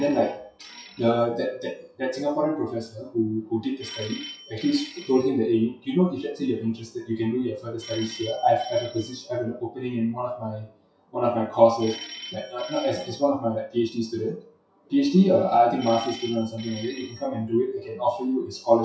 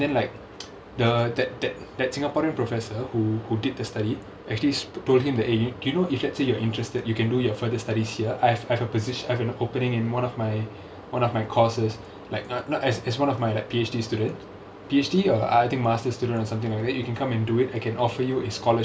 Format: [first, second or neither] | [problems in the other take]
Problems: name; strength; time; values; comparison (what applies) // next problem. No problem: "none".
second | noise reduction (classical method WPE with log-MMSE)